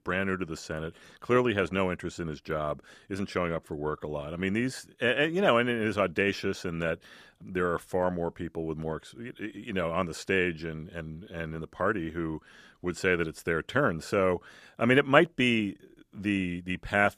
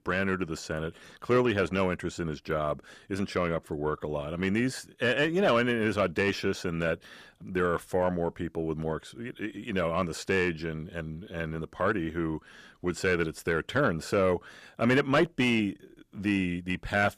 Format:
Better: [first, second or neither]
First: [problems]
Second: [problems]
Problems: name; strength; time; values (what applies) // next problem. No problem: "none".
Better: first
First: none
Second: distortion; slight; 10 dB below the speech